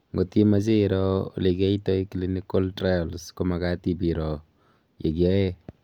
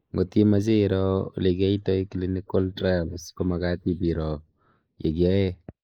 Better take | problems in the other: first | noise reduction (neural mask model Resemble Enhance denoiser)

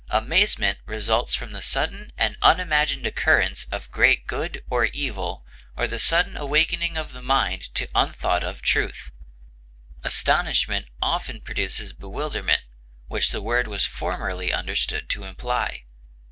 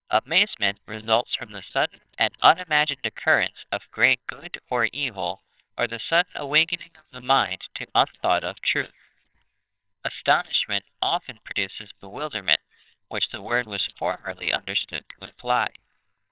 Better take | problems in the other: first | noise reduction (neural separator model SepFormer WHAMR!)

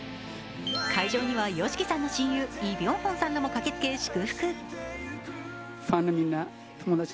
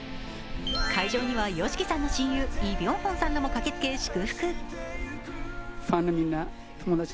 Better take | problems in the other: first | background sound (Gull, seagull); 5 dB below the speech

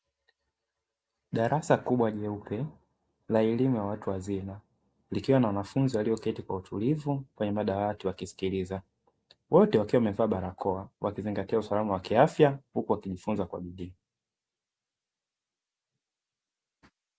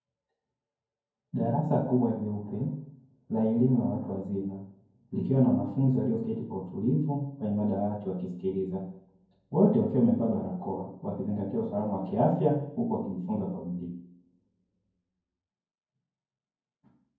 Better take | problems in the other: first | room echo; dies away in 0.9 s

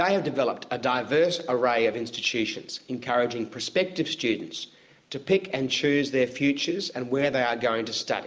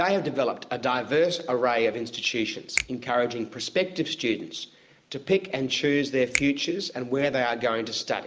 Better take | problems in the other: first | background sound (Finger snapping); 9 dB below the speech

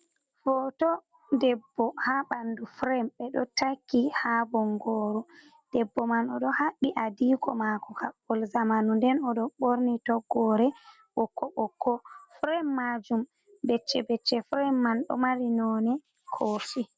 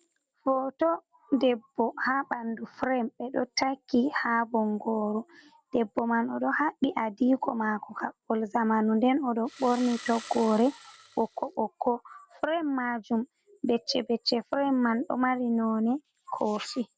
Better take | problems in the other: first | background sound (Engine starting); 18 dB below the speech

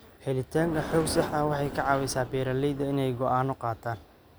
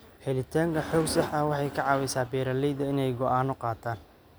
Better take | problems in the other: second | background sound (Explosion); 13 dB below the speech

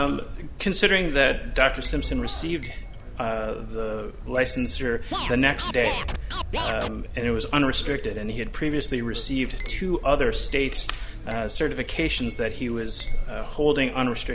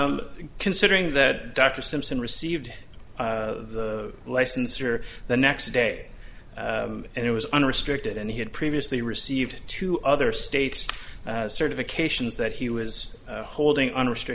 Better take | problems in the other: second | background sound (Scratching (performance technique) + Chink, clink); 5 dB below the speech

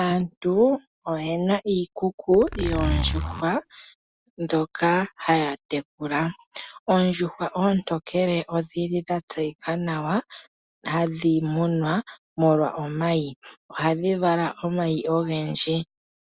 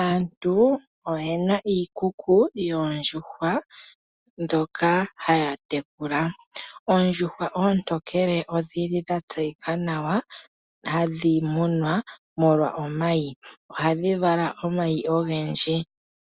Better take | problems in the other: second | background sound (Zipper (clothing)); 3 dB below the speech

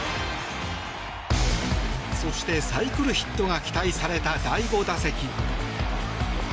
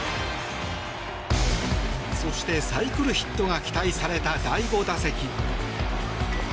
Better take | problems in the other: first | background sound (Microwave oven); 15 dB below the speech

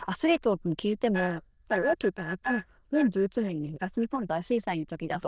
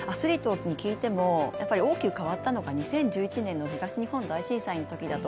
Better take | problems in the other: second | noise reduction (neural diffusion model UNIVERSE++)

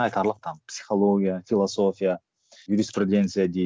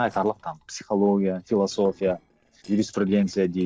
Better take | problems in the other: first | noise reduction (neural separator model SepFormer DNS4)

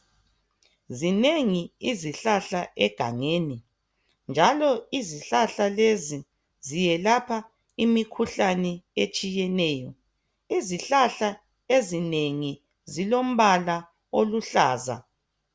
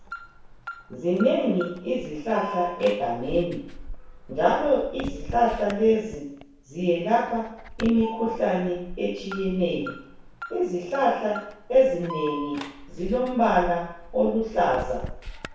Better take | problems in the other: first | background sound (Alarm); 13 dB below the speech // room echo; dies away in 0.7 s

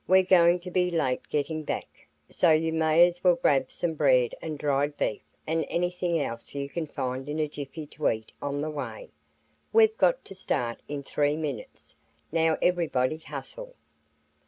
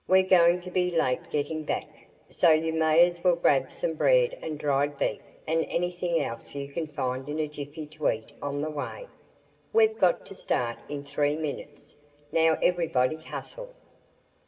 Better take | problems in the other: first | room echo; dies away in 1.6 s

